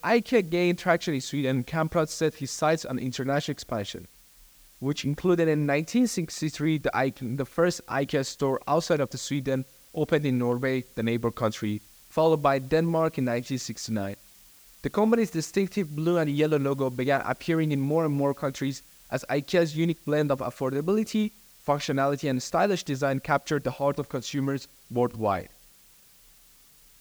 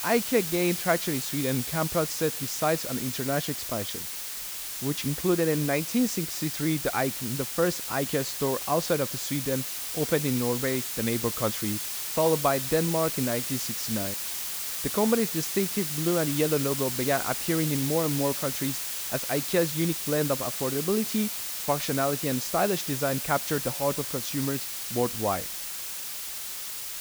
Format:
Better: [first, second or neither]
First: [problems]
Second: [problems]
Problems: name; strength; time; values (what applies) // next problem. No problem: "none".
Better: first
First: hiss; faint; throughout; 25 dB below the speech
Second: hiss; loud; throughout; 2 dB below the speech